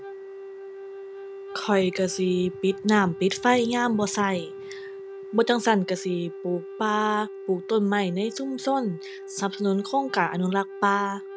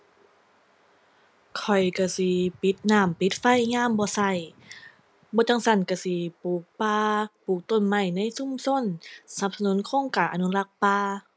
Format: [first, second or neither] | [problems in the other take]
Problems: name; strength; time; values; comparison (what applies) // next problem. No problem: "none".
second | background sound (Wind instrument, woodwind instrument); 13 dB below the speech